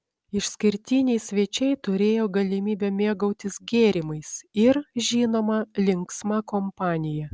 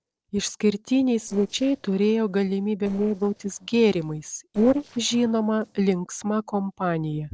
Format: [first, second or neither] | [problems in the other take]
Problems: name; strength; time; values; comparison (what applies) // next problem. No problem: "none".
first | noise reduction (neural separator model SepFormer DNS4)